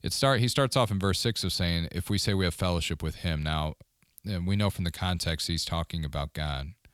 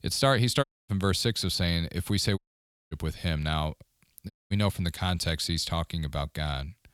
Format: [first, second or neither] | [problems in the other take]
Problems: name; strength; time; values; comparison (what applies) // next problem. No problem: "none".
first | audio cutting out; at 0.5 s, at 2.5 s for 0.5 s and at 4.5 s